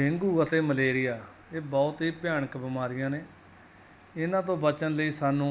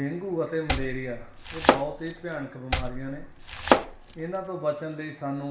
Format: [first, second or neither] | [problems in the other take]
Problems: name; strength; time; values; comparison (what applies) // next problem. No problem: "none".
first | background sound (Domestic sounds, home sounds); 4 dB above the speech // room echo; dies away in 0.6 s